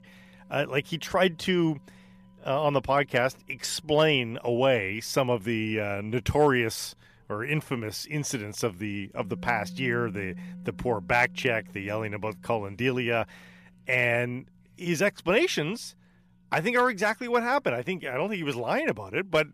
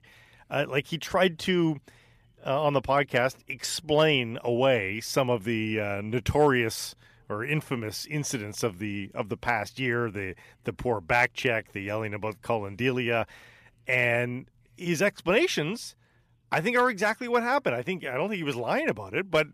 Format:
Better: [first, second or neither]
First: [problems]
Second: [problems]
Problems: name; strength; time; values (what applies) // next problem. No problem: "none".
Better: second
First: background music; noticeable; throughout; 20 dB below the speech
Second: none